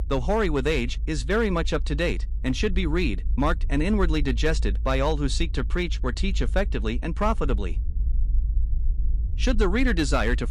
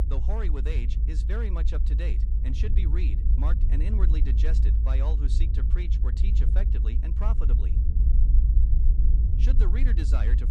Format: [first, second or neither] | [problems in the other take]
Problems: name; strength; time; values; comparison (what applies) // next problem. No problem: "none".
first | low rumble; loud; throughout; 3 dB below the speech; faint in the first